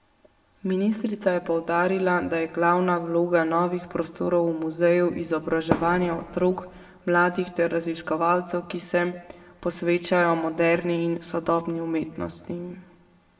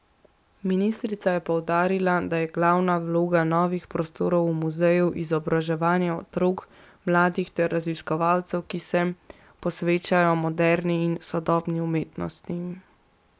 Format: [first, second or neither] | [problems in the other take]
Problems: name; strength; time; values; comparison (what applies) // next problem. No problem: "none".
second | background sound (Fireworks); 7 dB below the speech // room echo; dies away in 0.9 s